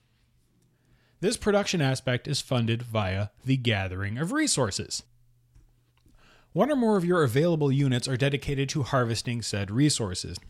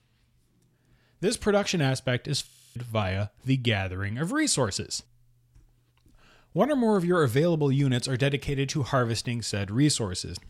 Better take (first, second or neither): first